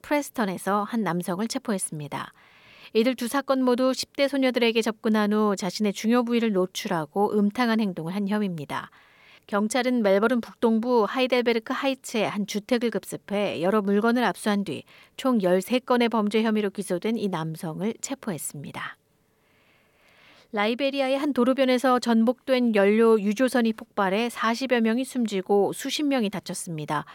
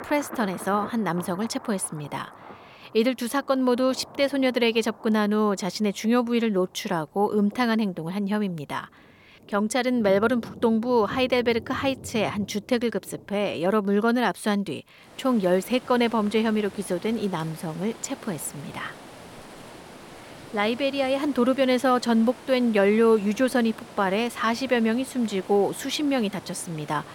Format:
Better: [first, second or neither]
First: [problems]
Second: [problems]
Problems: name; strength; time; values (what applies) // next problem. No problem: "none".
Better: first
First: none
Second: rain or running water; noticeable; throughout; 20 dB below the speech